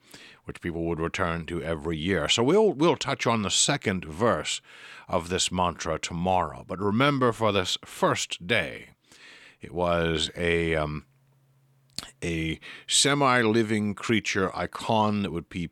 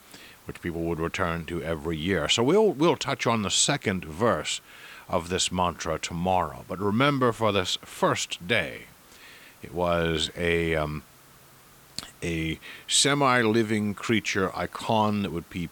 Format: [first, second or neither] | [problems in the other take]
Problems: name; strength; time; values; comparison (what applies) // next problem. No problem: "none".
first | hiss; faint; throughout; 25 dB below the speech